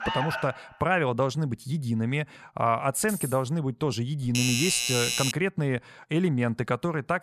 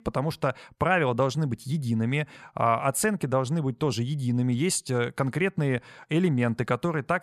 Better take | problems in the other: second | alarm; noticeable; at the start; peak 2 dB below the speech // jangling keys; noticeable; at 3 s; peak 8 dB below the speech // doorbell; loud; from 4.5 to 5.5 s; peak 3 dB above the speech

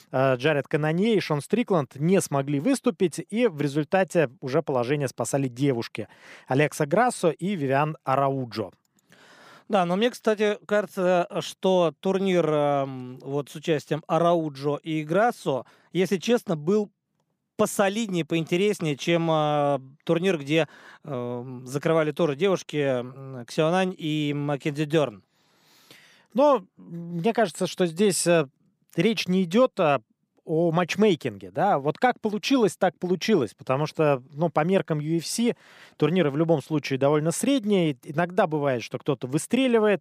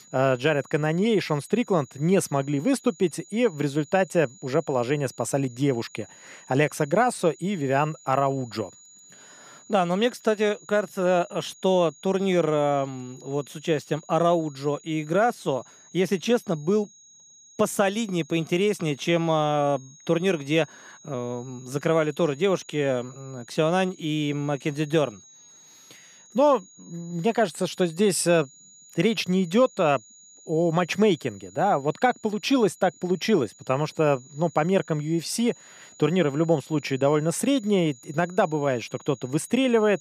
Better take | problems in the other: first | high-pitched whine; faint; throughout; 7 kHz, 25 dB below the speech

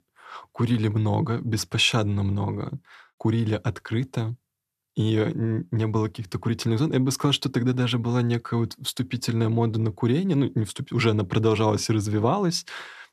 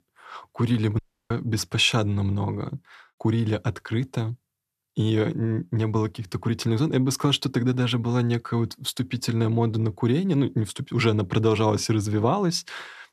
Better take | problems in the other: first | audio cutting out; at 1 s

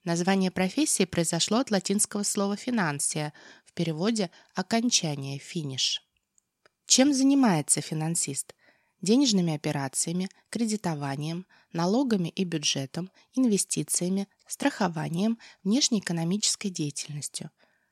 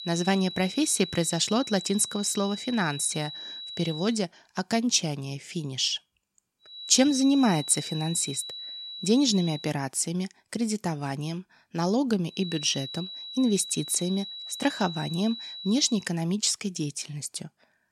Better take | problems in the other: first | high-pitched whine; loud; until 4 s, from 6.5 to 9.5 s and from 12 to 16 s; 4 kHz, 10 dB below the speech

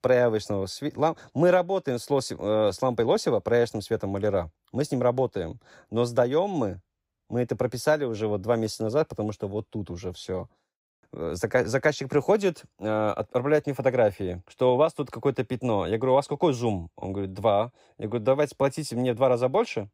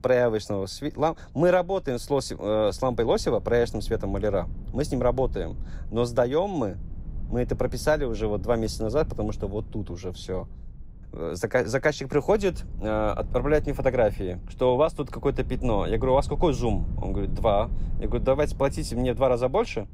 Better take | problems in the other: first | low rumble; faint; throughout; 25 dB below the speech

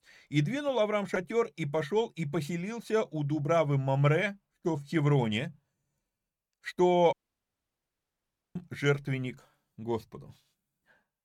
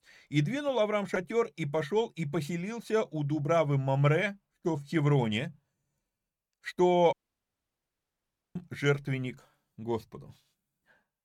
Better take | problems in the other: neither | audio cutting out; at 7 s for 1.5 s; the same in both

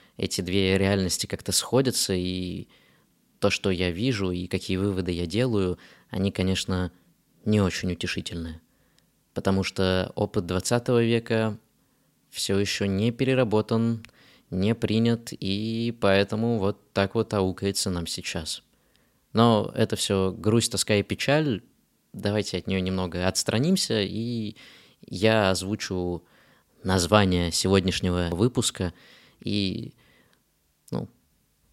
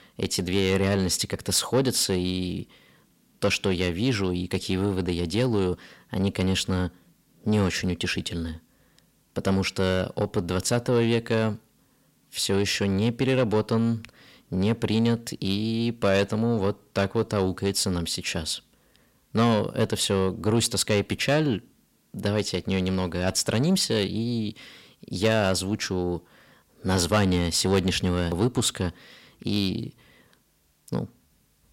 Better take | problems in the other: first | distortion; slight; 10 dB below the speech

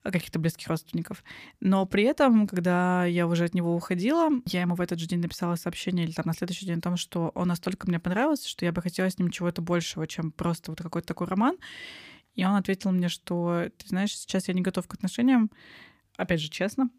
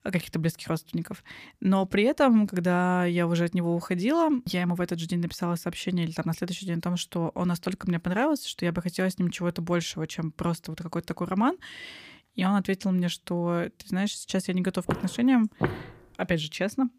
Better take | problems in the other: first | footsteps; noticeable; at 15 s; peak 4 dB below the speech

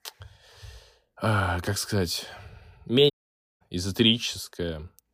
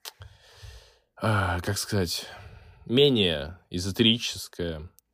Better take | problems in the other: second | audio cutting out; at 3 s for 0.5 s

